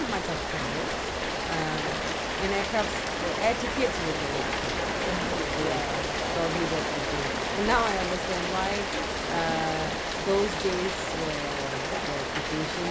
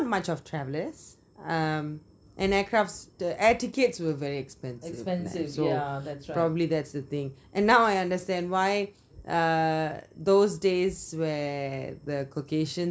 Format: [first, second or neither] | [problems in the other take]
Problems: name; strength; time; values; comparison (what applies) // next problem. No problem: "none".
second | background sound (Rain); 2 dB above the speech